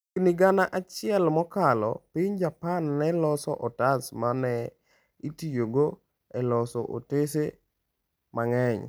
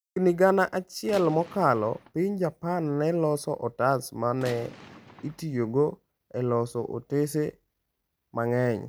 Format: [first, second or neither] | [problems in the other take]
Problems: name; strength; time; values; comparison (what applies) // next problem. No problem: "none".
first | background sound (Gunshot, gunfire); 18 dB below the speech